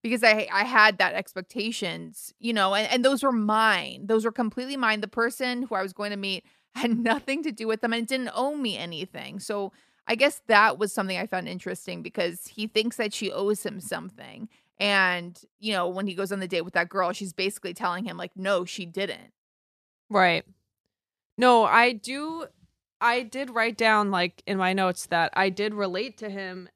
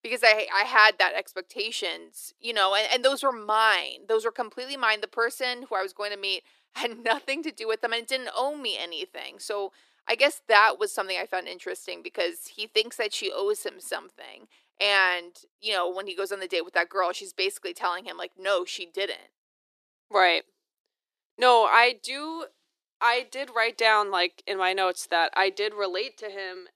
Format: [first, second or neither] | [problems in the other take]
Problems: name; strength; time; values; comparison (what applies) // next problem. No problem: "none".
first | thin; very; fading below 350 Hz